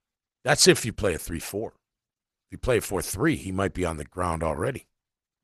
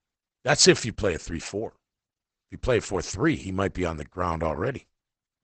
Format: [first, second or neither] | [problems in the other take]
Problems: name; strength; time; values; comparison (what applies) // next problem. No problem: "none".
first | garbled, watery; badly; nothing above 8 kHz; slightly in the first